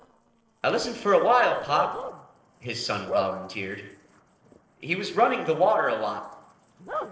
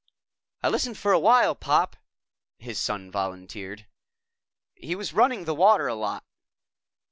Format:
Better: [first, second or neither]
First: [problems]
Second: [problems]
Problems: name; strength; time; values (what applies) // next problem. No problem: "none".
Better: second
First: noise reduction (neural separator model SepFormer DNS4)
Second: none